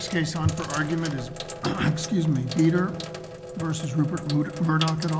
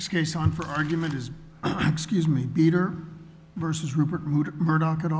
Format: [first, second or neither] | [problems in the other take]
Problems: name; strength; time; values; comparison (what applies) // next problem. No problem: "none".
second | background sound (Sink (filling or washing)); 11 dB below the speech